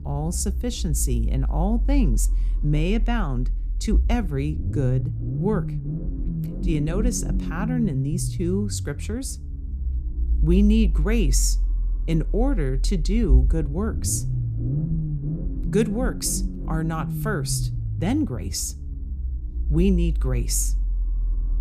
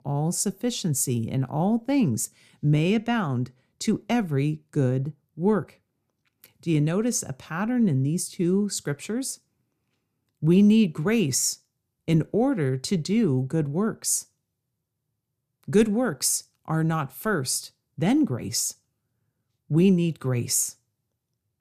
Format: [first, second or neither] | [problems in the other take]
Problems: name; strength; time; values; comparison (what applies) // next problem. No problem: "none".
second | low rumble; noticeable; throughout; 10 dB below the speech